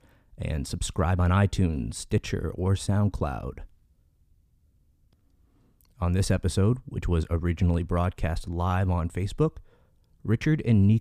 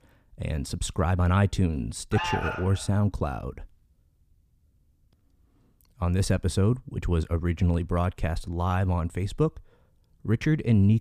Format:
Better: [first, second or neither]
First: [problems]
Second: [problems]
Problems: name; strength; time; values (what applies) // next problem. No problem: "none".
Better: first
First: none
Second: alarm; noticeable; at 2 s; peak 3 dB below the speech